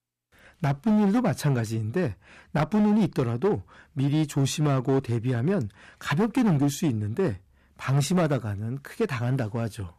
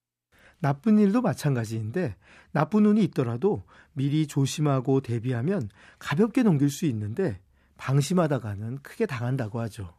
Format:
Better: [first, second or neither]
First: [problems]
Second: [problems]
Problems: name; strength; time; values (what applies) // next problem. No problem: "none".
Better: second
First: distortion; slight; 8% of the sound clipped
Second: none